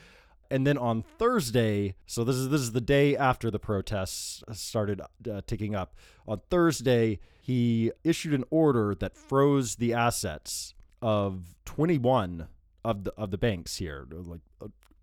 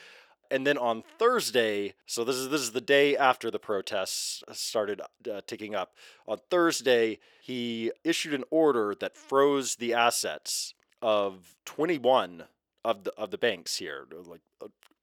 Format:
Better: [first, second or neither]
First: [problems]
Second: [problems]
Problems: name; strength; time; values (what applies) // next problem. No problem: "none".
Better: first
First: none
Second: thin; somewhat; fading below 450 Hz